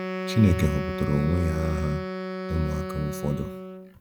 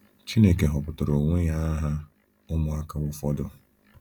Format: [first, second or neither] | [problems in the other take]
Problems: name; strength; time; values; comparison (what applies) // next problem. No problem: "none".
second | background sound (Wind instrument, woodwind instrument); 6 dB below the speech